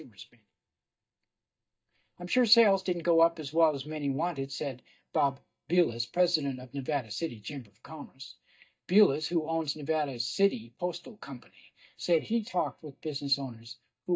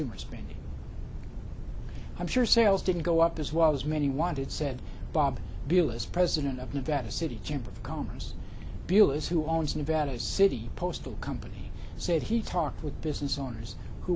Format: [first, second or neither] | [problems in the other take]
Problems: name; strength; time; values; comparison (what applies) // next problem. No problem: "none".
second | noise reduction (neural mask model DeepFilterNet 3)